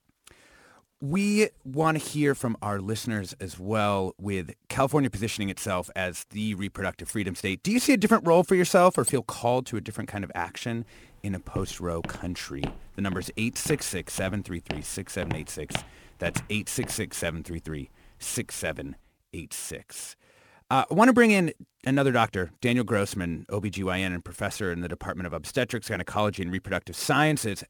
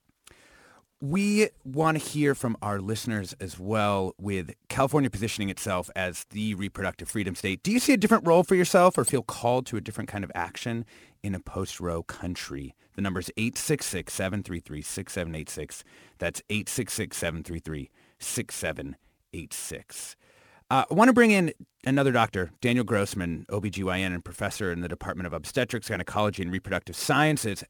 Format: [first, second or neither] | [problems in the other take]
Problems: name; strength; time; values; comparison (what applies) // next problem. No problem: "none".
second | footsteps; noticeable; from 12 to 17 s; peak 8 dB below the speech